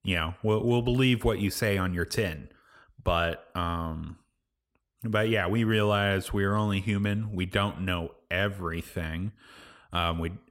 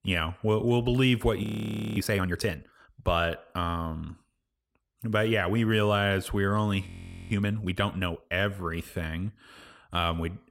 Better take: first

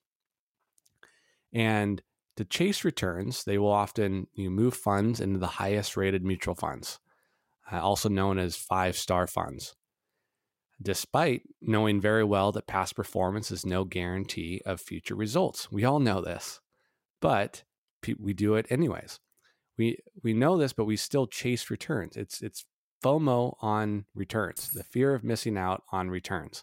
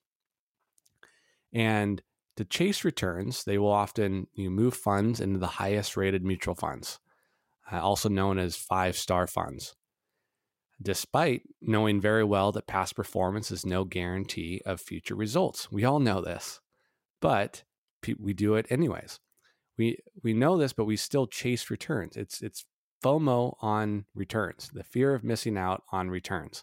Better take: second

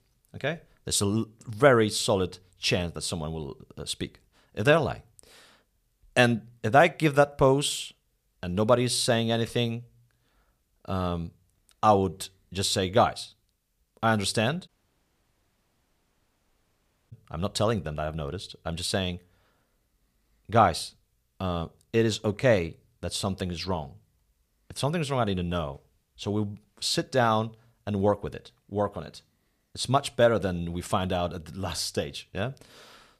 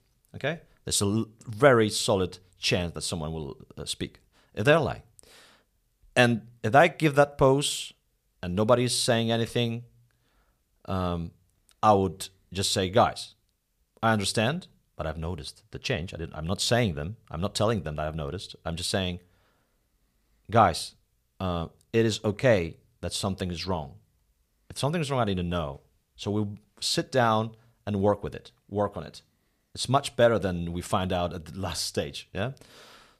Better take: second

